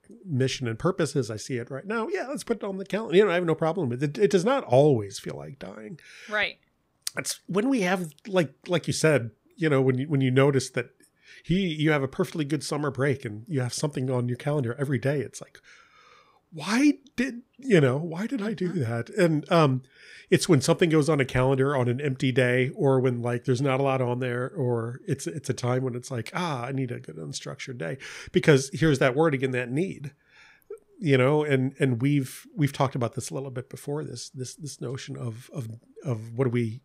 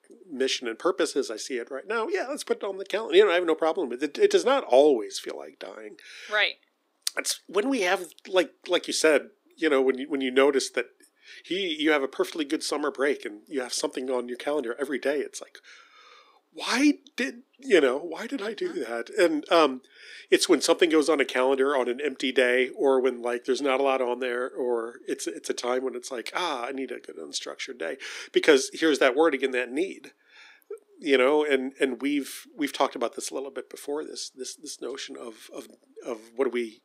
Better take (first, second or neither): first